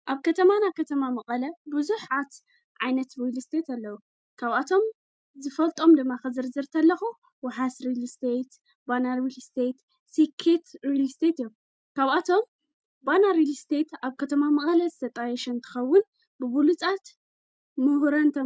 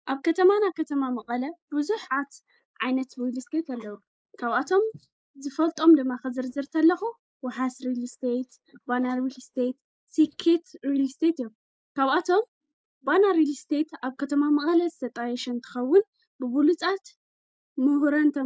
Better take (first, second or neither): first